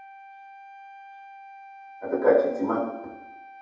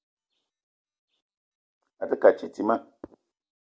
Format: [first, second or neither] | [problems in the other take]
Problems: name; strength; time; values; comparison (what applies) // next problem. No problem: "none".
second | background sound (Wind instrument, woodwind instrument); 17 dB below the speech // room echo; dies away in 0.8 s